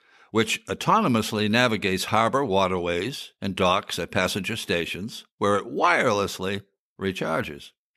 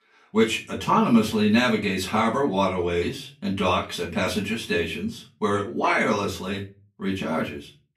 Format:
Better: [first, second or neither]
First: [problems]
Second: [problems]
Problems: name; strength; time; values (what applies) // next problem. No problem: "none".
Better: first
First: none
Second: room echo; slight; dies away in 0.3 s // off-mic speech; far